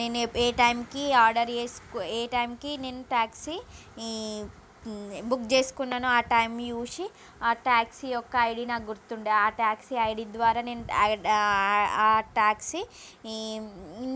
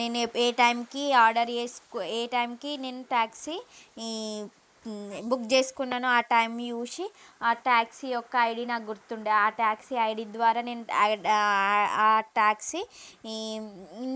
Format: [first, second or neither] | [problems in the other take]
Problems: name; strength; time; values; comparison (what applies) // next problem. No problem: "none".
first | noise reduction (neural mask model Resemble Enhance denoiser)